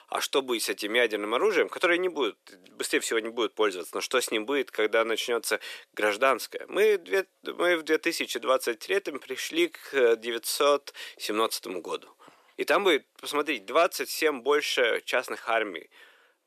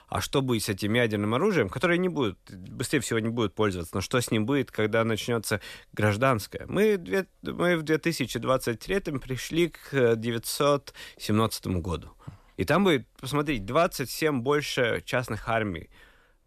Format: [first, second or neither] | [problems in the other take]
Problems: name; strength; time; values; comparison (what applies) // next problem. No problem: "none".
second | thin; somewhat; fading below 350 Hz